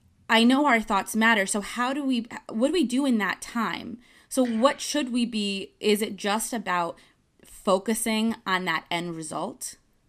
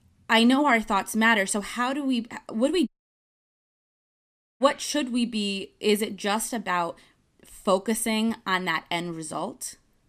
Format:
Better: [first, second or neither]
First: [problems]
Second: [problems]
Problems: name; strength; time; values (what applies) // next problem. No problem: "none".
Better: first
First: none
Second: audio cutting out; at 3 s for 1.5 s